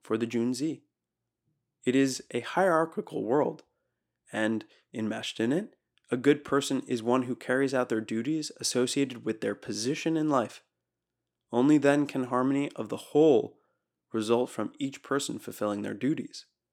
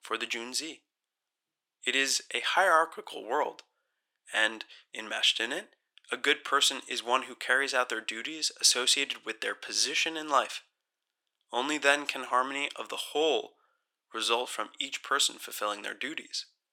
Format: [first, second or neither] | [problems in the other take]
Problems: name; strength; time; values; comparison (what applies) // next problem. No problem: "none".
first | thin; very; fading below 950 Hz